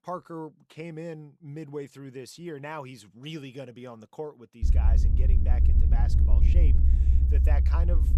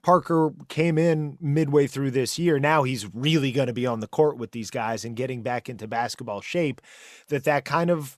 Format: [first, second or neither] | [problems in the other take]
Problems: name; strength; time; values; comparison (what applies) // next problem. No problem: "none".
second | low rumble; loud; from 4.5 s on; 2 dB below the speech